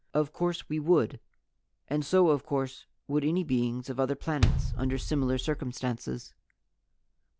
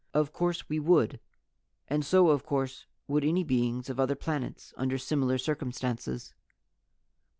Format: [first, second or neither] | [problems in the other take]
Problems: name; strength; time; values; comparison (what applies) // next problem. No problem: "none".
second | background sound (Bass drum); 1 dB below the speech